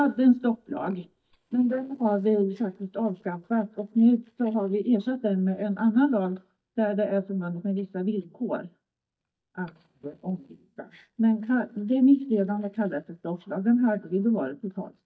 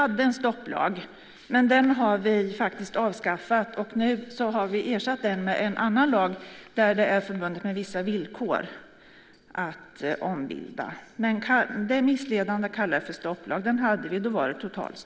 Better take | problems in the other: second | noise reduction (neural mask model DeepFilterNet 3)

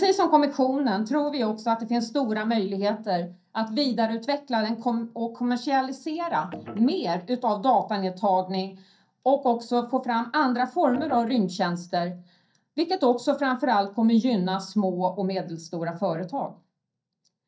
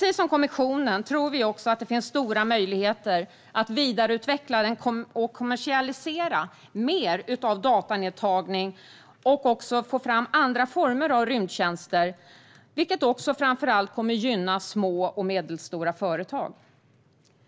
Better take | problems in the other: second | noise reduction (neural mask model DeepFilterNet 3)

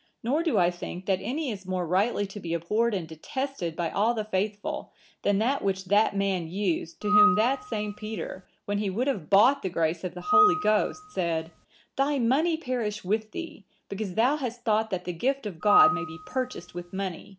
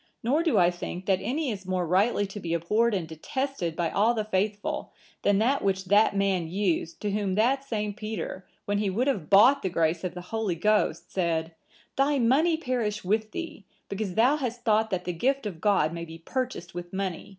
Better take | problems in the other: second | background sound (Screech / Glass); 1 dB below the speech

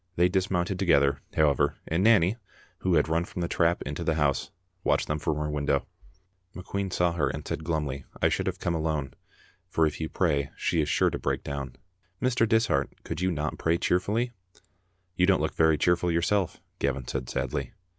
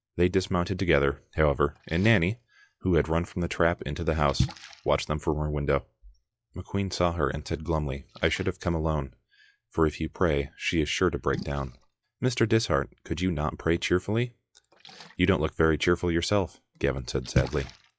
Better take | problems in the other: first | noise reduction (classical method log-MMSE)

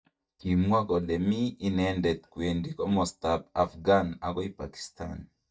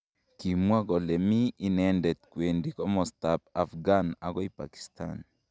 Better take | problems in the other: second | noise reduction (neural mask model DeepFilterNet 3)

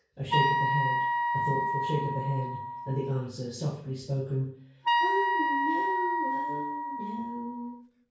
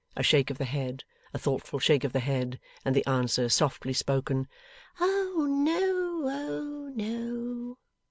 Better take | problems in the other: second | background sound (Wind instrument, woodwind instrument); 4 dB above the speech // room echo; dies away in 0.6 s

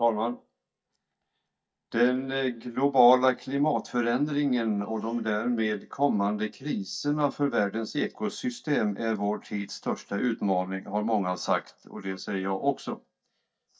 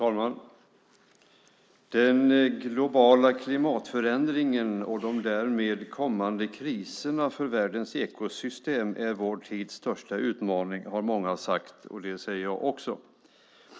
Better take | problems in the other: second | noise reduction (neural mask model DeepFilterNet 3)

